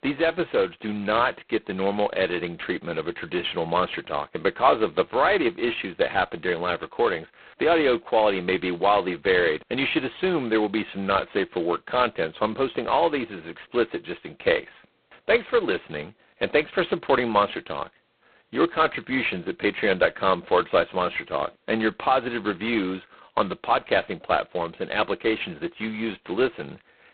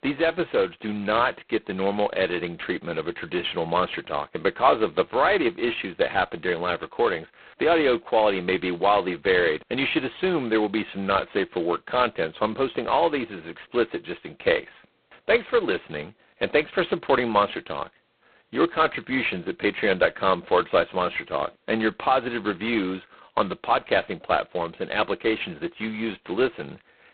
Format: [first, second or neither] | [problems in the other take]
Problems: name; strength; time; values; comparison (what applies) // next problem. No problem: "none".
neither | phone-call audio; poor line; nothing above 4 kHz; the same in both